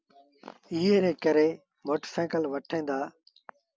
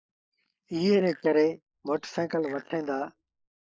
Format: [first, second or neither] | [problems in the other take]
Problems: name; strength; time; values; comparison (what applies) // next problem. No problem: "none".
first | noise reduction (neural mask model Resemble Enhance denoiser)